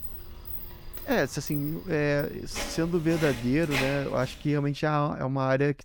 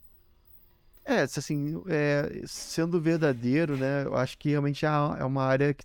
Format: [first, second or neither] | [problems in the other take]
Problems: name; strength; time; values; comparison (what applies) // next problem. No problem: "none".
second | household noises; loud; until 4 s; 9 dB below the speech; faint in the second